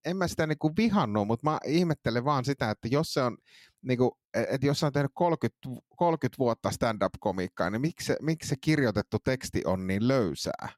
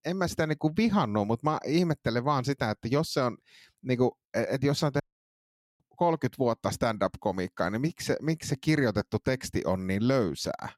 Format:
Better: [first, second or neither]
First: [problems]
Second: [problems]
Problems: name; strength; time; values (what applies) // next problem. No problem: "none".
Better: first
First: none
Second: audio cutting out; at 5 s for 1 s